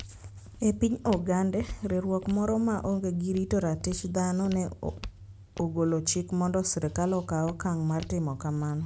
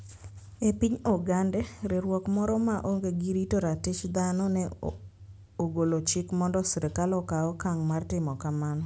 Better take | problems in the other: second | background sound (Walk, footsteps); 19 dB below the speech

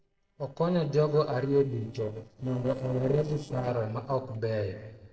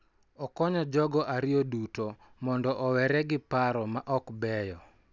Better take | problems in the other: second | noise reduction (neural separator model SepFormer DNS4)

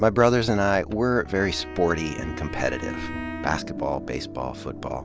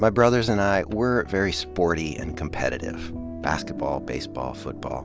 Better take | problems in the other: second | background sound (Wind instrument, woodwind instrument); 14 dB below the speech

